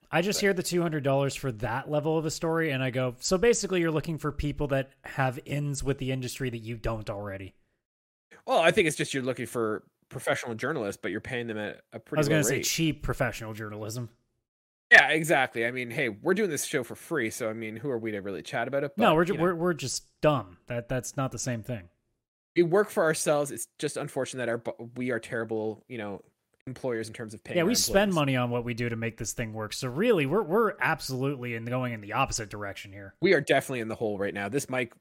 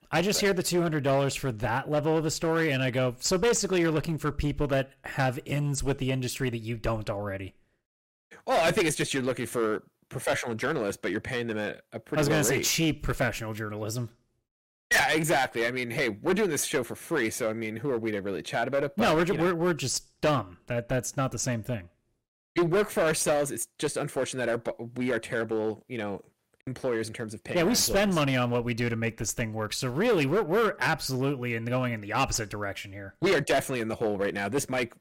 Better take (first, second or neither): first